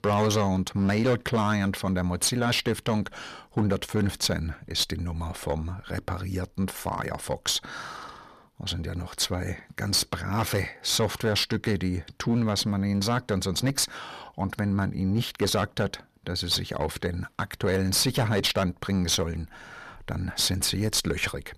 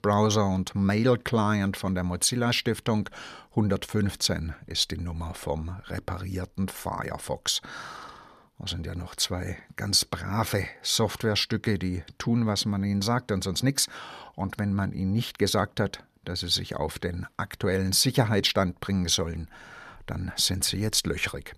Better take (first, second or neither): second